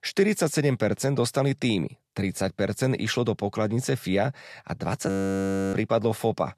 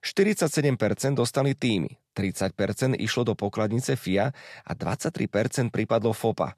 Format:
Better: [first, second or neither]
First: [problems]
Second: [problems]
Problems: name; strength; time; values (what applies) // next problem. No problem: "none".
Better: second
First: audio freezing; at 5 s for 0.5 s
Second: none